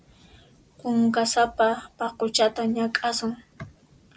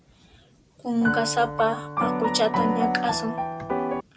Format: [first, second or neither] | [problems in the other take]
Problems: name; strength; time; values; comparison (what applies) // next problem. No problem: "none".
first | background sound (Piano); 1 dB above the speech